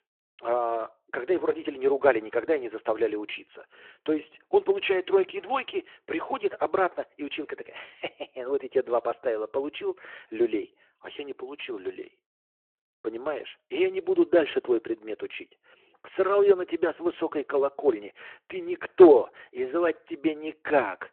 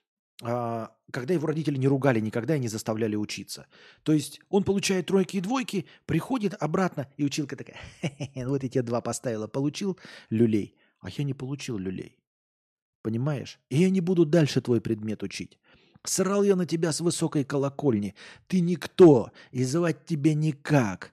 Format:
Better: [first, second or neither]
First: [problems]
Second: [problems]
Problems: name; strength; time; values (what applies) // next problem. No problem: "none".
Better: second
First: phone-call audio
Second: none